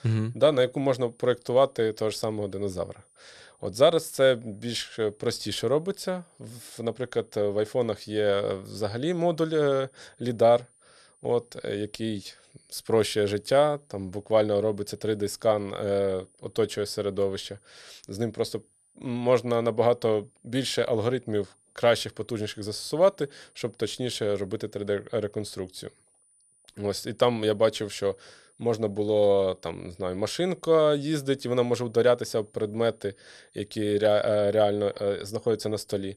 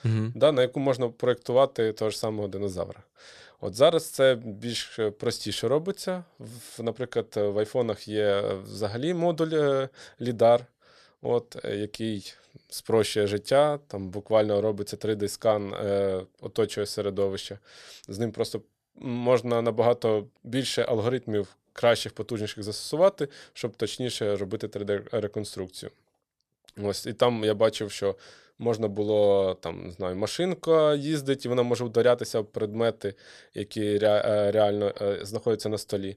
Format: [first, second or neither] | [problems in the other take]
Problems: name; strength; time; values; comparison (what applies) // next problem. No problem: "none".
second | high-pitched whine; faint; throughout; 9.5 kHz, 35 dB below the speech